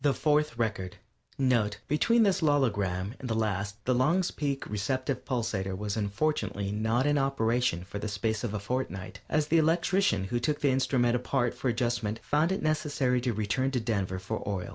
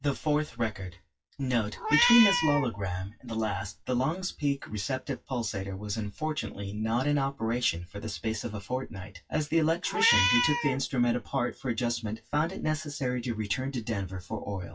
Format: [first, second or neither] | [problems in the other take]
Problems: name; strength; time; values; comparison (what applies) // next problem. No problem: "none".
first | noise reduction (classical method WPE with log-MMSE)